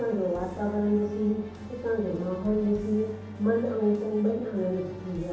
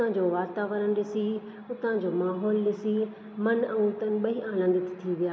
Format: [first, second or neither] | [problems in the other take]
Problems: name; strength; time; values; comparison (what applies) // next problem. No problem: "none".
second | background sound (Musical instrument); 16 dB below the speech // room echo; dies away in 0.7 s